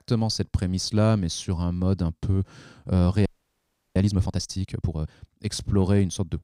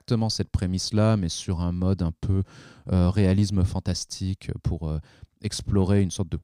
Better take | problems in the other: second | audio freezing; at 3.5 s for 0.5 s

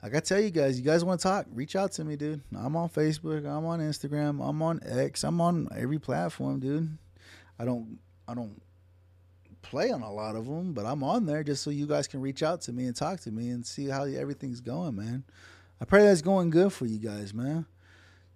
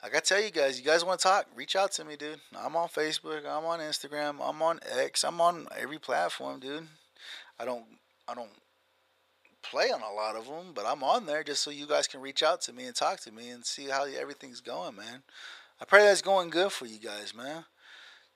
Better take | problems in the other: first | thin; very; fading below 750 Hz

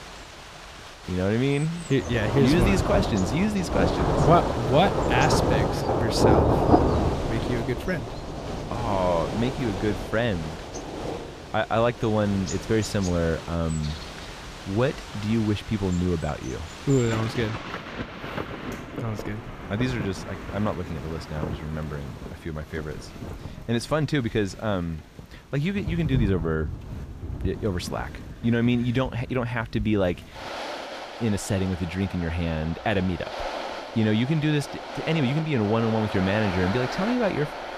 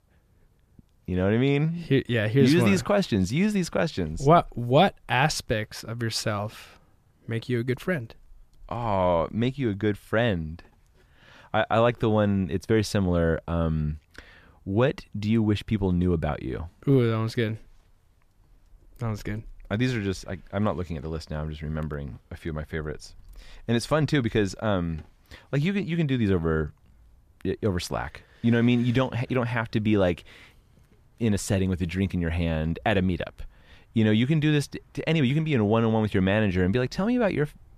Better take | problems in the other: second | rain or running water; loud; throughout; 4 dB below the speech

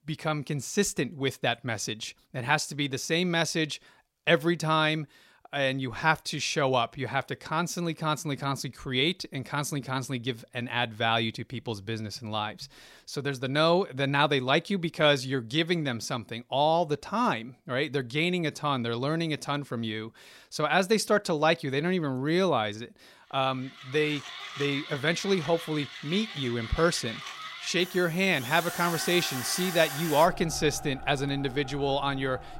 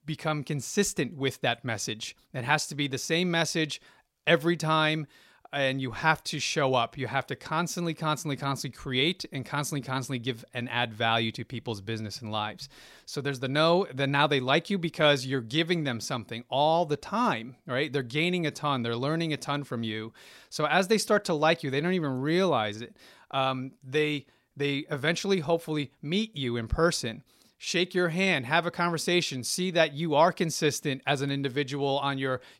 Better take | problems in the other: second | machinery noise; noticeable; from 24 s on; 10 dB below the speech

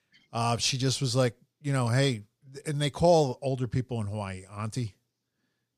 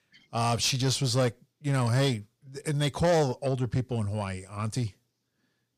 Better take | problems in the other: first | distortion; slight; 10 dB below the speech

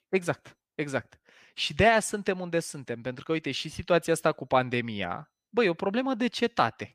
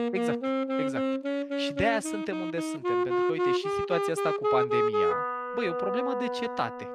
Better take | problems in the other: first | background music; very loud; throughout; 5 dB above the speech

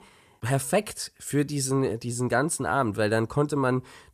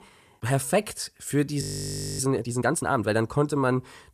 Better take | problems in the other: first | audio freezing; at 1.5 s for 0.5 s

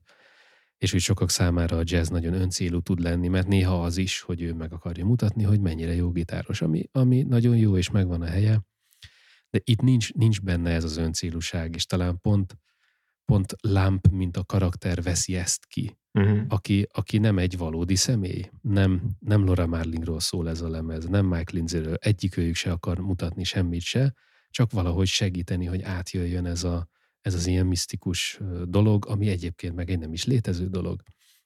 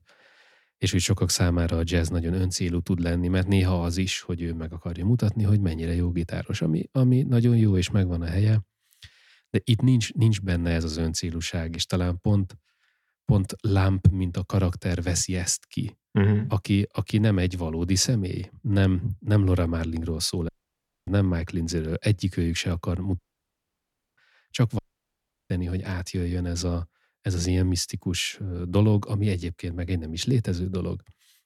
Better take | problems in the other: first | audio cutting out; at 20 s for 0.5 s, at 23 s for 1 s and at 25 s for 0.5 s

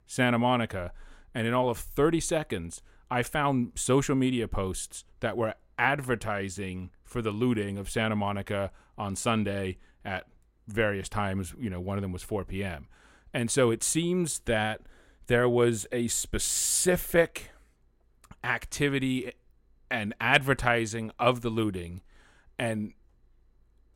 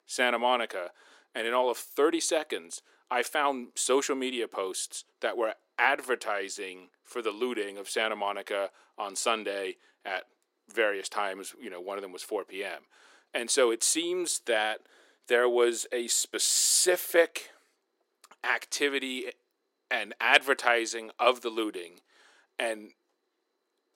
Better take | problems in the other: first | thin; somewhat; fading below 350 Hz

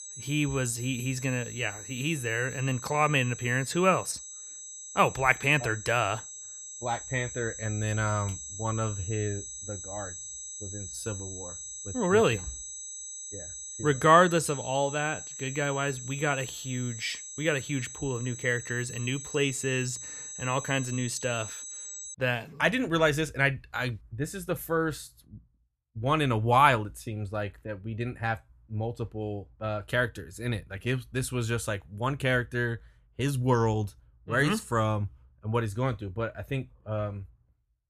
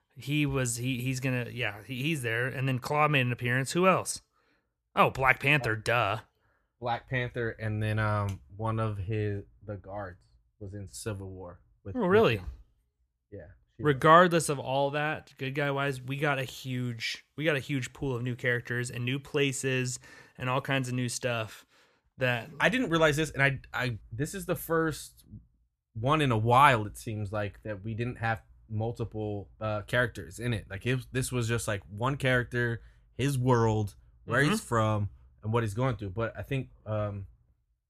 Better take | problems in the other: second | high-pitched whine; loud; until 22 s; 7.5 kHz, 10 dB below the speech

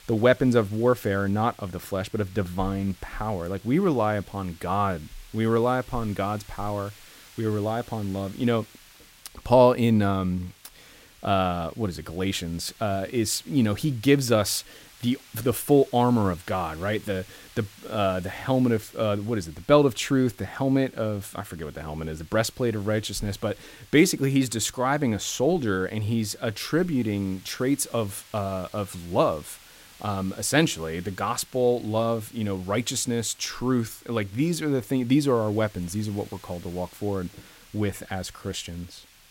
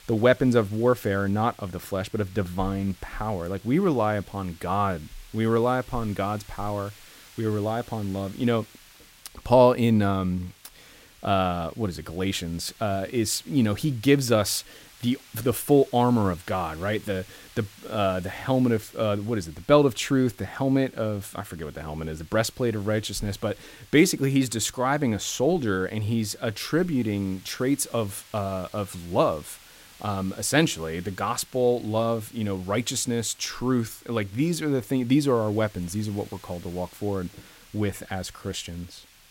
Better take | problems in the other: neither | hiss; faint; throughout; 25 dB below the speech; the same in both

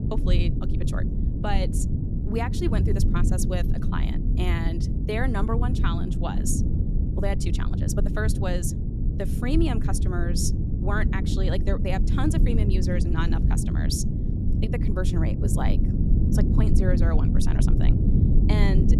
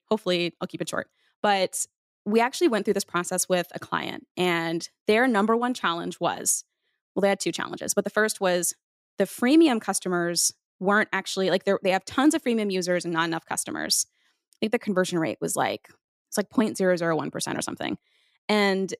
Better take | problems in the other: second | low rumble; loud; throughout; 3 dB below the speech

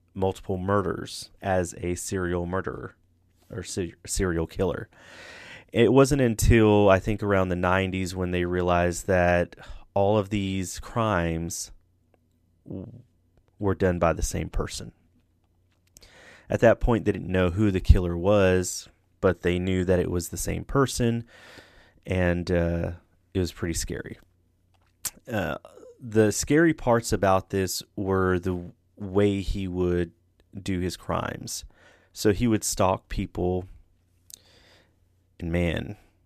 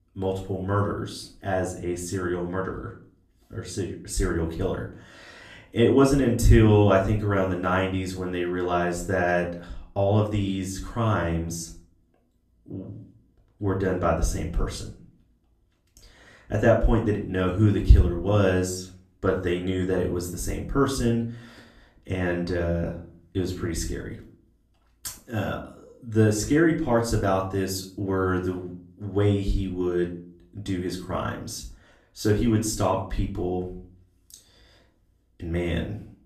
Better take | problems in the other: first | off-mic speech; far // room echo; slight; dies away in 0.4 s

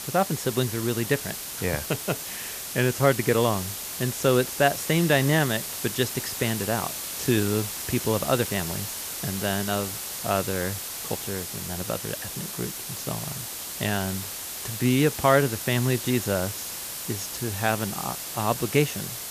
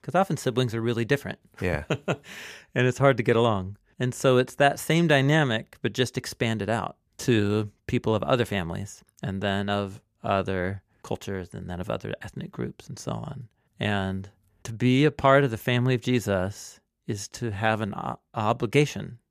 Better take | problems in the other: second | hiss; loud; throughout; 5 dB below the speech

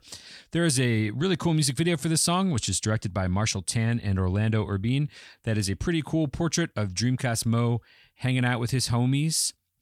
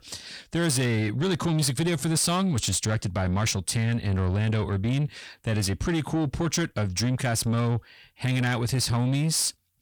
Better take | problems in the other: first | distortion; slight; 10 dB below the speech

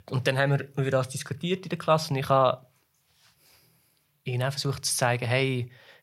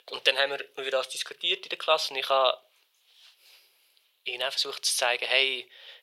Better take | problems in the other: first | thin; very; fading below 450 Hz

